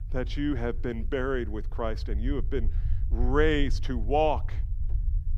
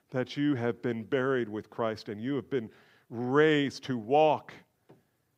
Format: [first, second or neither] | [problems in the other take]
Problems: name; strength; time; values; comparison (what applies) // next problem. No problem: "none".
second | low rumble; faint; throughout; 25 dB below the speech